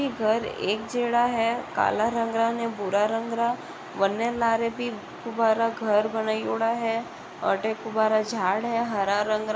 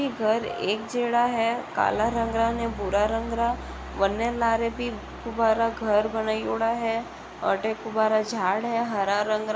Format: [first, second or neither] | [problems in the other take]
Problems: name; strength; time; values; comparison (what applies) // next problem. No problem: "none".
first | background sound (Brass instrument + Bass guitar); 17 dB below the speech